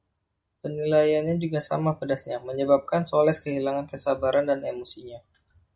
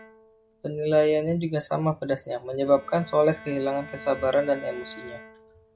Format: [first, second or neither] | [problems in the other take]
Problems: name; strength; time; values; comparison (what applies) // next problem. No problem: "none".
first | background sound (Bowed string instrument); 20 dB below the speech